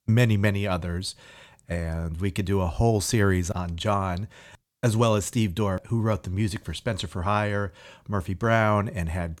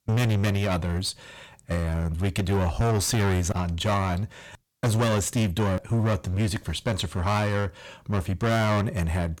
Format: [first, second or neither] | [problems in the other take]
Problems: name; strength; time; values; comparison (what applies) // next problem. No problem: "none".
first | distortion; heavy; 19% of the sound clipped